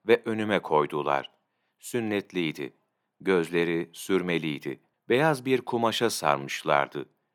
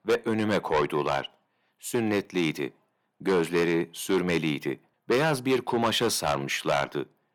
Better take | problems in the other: first | distortion; heavy; 7 dB below the speech

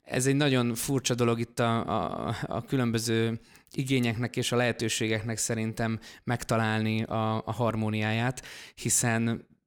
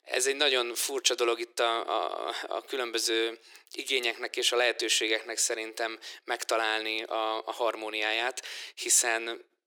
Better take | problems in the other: first | thin; very; fading below 350 Hz

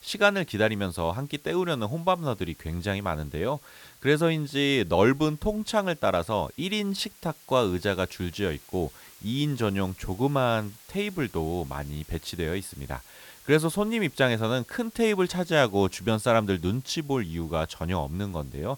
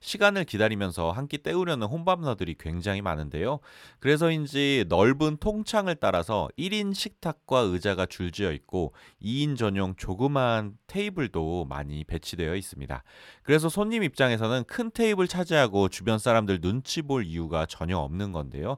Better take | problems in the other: second | hiss; faint; throughout; 25 dB below the speech

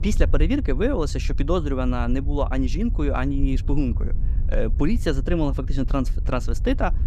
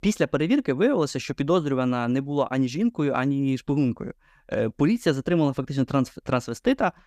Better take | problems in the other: second | wind noise on the microphone; occasional gusts; 20 dB below the speech

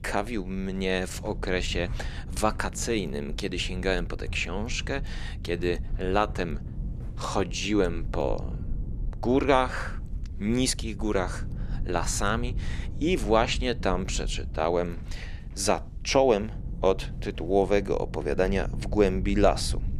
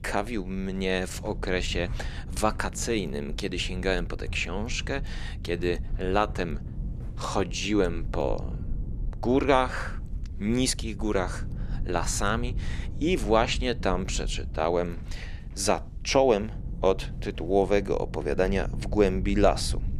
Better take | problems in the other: neither | low rumble; faint; throughout; 20 dB below the speech; the same in both

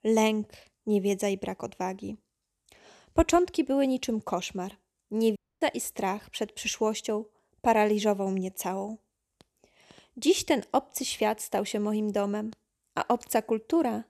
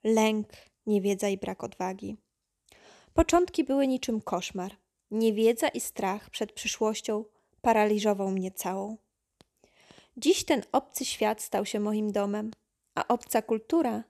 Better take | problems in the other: second | audio cutting out; at 5.5 s

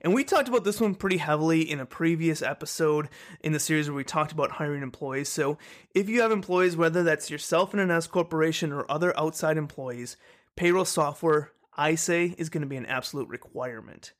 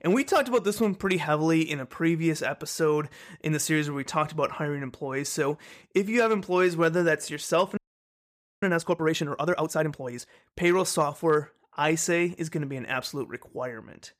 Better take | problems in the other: first | audio freezing; at 8 s for 1 s

